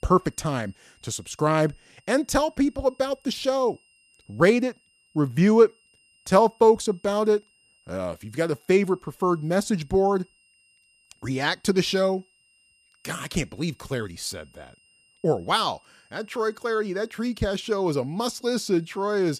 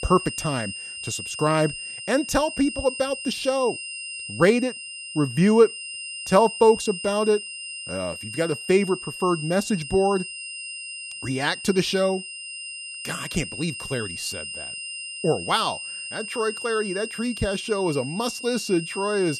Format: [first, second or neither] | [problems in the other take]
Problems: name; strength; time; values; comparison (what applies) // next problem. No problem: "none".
first | high-pitched whine; loud; throughout; 3 kHz, 9 dB below the speech; faint in the first